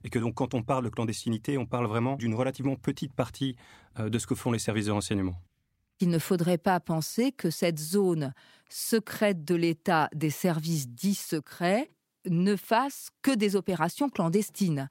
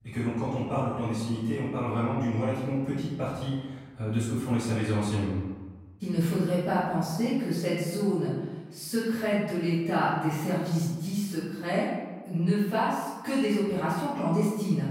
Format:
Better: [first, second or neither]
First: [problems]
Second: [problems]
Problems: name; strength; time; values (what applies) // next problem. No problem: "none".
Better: first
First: none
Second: off-mic speech; far // room echo; strong; dies away in 1.2 s